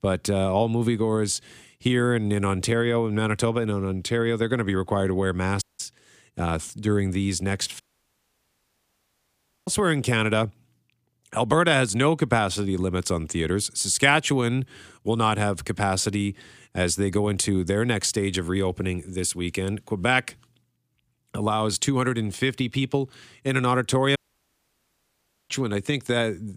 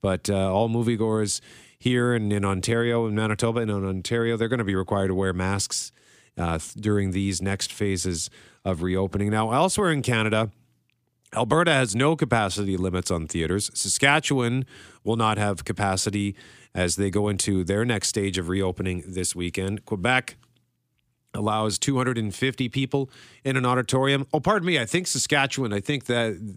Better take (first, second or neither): second